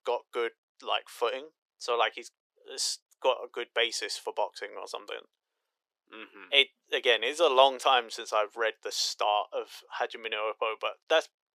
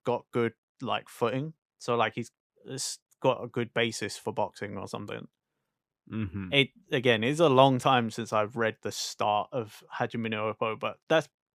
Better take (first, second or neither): second